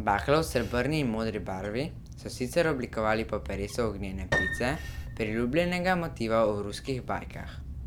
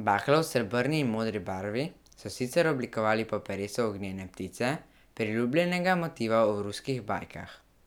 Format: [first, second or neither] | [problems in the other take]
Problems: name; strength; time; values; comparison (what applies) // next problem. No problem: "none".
second | background sound (Bird + Piano); 8 dB below the speech